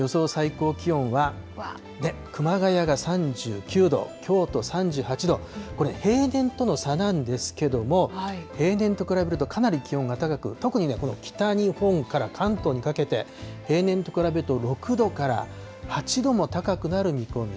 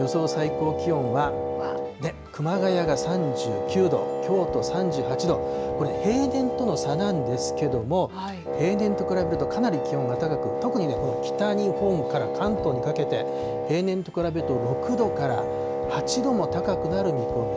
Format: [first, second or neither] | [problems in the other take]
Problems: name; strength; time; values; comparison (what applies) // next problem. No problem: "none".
first | background sound (Wind instrument, woodwind instrument); 1 dB below the speech